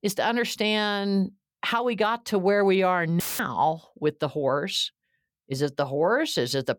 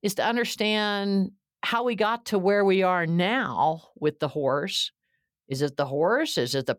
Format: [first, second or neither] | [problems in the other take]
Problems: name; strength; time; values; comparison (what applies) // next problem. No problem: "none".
second | audio cutting out; filled with static; at 3 s